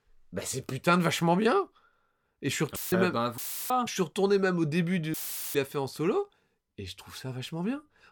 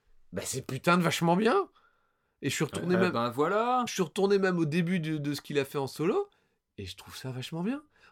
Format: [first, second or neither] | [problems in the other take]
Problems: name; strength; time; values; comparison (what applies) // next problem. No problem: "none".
second | audio cutting out; filled with static; at 3 s, at 3.5 s and at 5 s